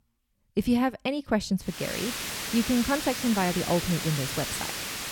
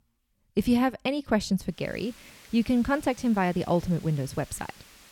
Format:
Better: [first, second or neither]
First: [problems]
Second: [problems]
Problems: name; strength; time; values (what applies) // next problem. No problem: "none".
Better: second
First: hiss; loud; from 2 s on; 3 dB below the speech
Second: hiss; faint; from 2 s on; 25 dB below the speech